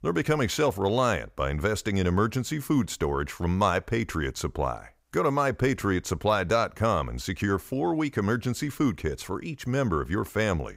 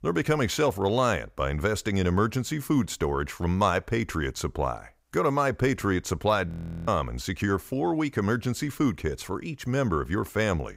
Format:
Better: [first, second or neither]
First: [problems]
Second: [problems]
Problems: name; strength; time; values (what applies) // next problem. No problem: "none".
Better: first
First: none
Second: audio freezing; at 6.5 s